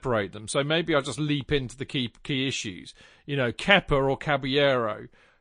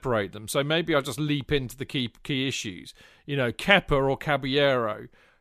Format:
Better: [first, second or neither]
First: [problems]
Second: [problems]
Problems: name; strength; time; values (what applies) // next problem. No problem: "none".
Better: second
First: garbled, watery; slightly; nothing above 9.5 kHz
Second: none